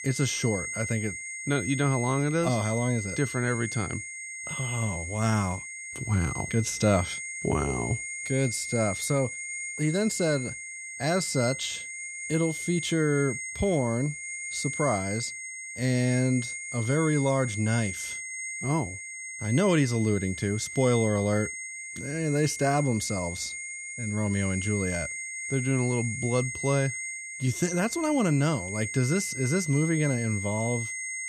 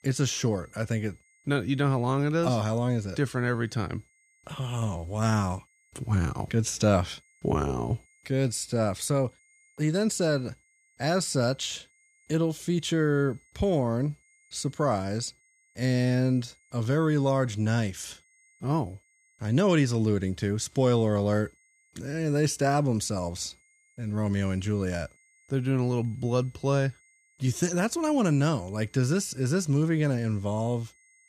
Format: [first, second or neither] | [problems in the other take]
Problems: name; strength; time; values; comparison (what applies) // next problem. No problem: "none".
second | high-pitched whine; loud; throughout; 2 kHz, 6 dB below the speech; faint in the second